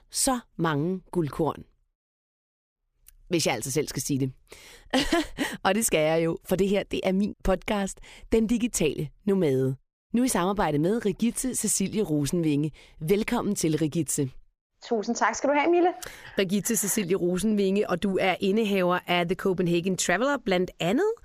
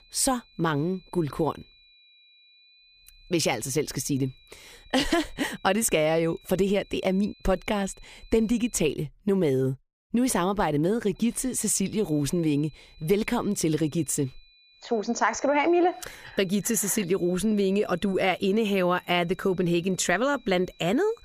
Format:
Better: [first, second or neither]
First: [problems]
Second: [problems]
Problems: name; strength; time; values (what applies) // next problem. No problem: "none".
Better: first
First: none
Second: high-pitched whine; faint; until 9 s and from 11 s on; 4 kHz, 30 dB below the speech